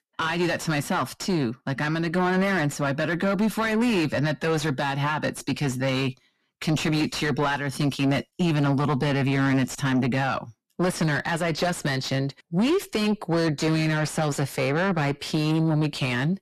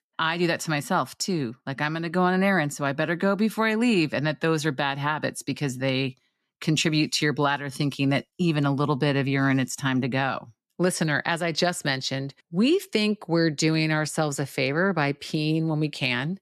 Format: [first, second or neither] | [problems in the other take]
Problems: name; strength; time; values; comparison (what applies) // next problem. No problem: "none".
second | distortion; heavy; 7 dB below the speech